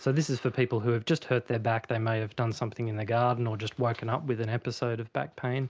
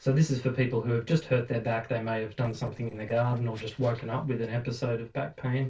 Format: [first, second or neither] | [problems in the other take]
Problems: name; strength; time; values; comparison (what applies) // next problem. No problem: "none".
first | noise reduction (neural separator model SepFormer DNS4)